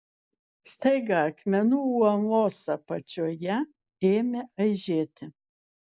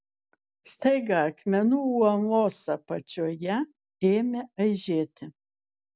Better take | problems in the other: second | noise reduction (neural mask model Resemble Enhance denoiser)

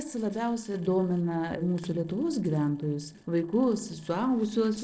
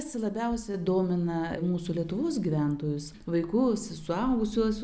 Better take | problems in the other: second | noise reduction (neural separator model SepFormer DNS4)

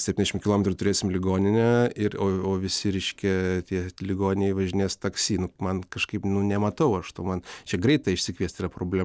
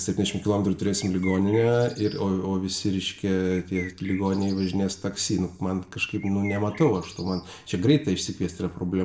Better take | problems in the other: first | background sound (Bird); 17 dB below the speech // room echo; dies away in 0.4 s

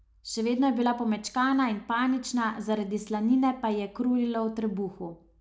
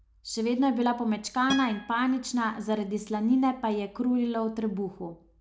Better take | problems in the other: first | background sound (Acoustic guitar); 13 dB below the speech

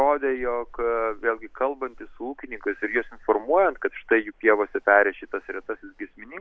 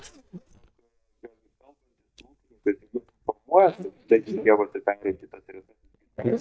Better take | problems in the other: first | noise reduction (neural mask model DeepFilterNet 3)

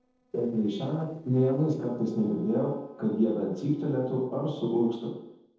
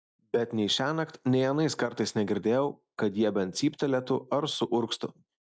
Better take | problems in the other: second | noise reduction (neural separator model SepFormer DNS4)

